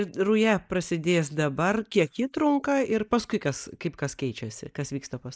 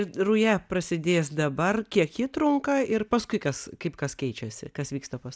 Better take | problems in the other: second | noise reduction (neural mask model Resemble Enhance denoiser)

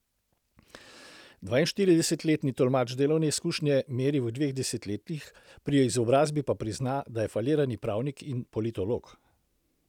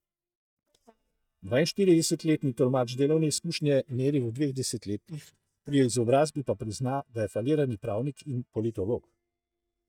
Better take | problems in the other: first | noise reduction (neural mask model DeepFilterNet 3)

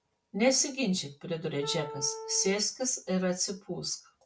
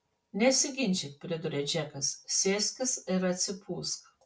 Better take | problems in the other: second | background sound (Wind instrument, woodwind instrument); 11 dB below the speech

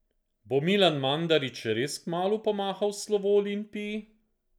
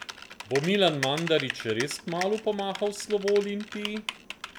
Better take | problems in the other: first | background sound (Typing); 10 dB below the speech

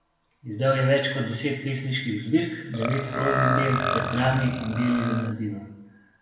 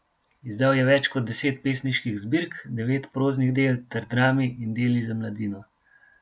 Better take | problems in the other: second | background sound (Burping, eructation); 3 dB below the speech // room echo; dies away in 1 s

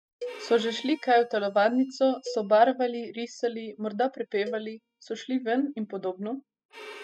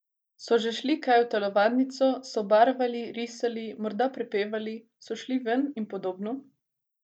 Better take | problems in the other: second | noise reduction (classical method spectral subtraction)

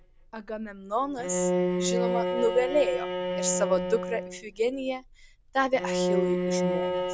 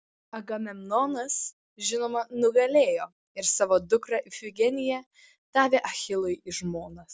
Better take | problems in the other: second | background sound (Bowed string instrument); as loud as the speech

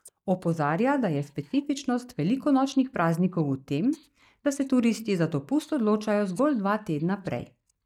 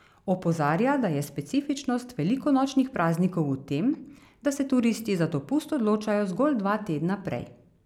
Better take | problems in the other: second | noise reduction (neural mask model DeepFilterNet 3)

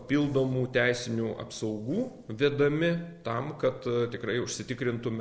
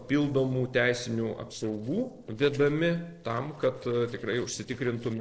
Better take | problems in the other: first | noise reduction (neural separator model SepFormer DNS4)

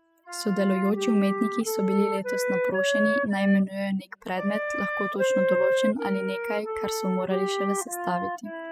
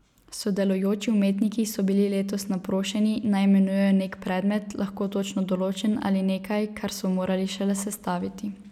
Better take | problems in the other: second | noise reduction (classical method spectral subtraction)

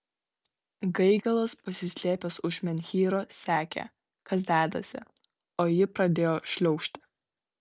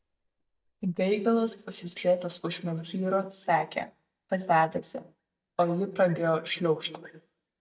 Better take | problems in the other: first | noise reduction (neural mask model DeepFilterNet 3)

